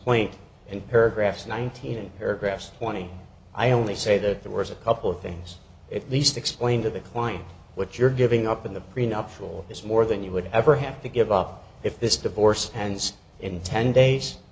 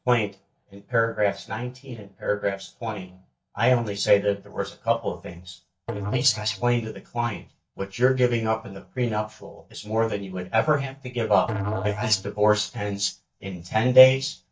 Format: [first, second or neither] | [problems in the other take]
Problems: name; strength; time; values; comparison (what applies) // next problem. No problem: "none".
first | noise reduction (neural mask model DeepFilterNet 3)